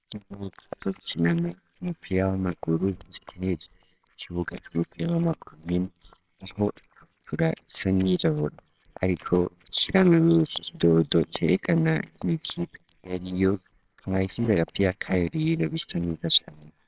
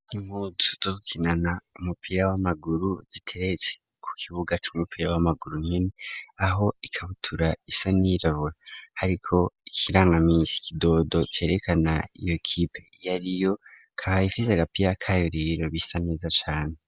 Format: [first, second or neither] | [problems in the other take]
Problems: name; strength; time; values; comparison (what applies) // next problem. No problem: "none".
second | noise reduction (neural separator model SepFormer WHAMR!)